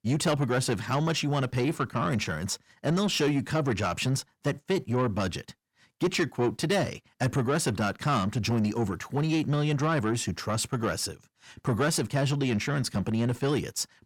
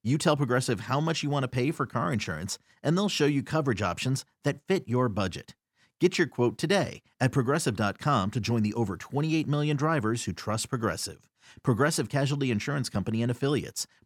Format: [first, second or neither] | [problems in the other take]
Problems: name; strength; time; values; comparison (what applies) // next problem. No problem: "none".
second | distortion; slight; 10 dB below the speech